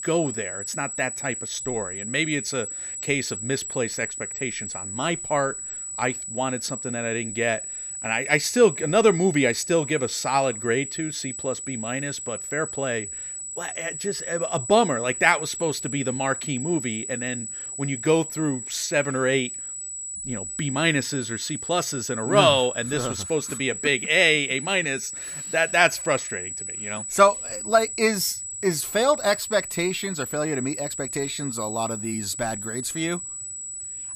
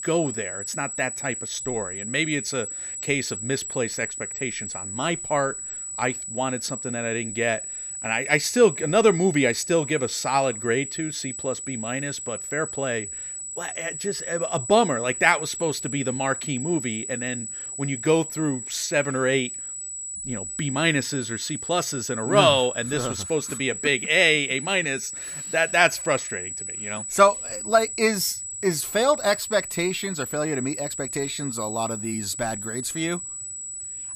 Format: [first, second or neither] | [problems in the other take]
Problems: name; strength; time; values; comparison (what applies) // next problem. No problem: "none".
neither | high-pitched whine; loud; throughout; 8 kHz, 7 dB below the speech; the same in both